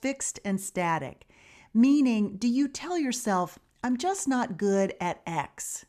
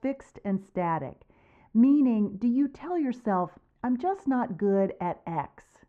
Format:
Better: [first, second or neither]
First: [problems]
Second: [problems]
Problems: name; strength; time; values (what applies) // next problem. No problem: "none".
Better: first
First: none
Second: muffled; very; fading above 3.5 kHz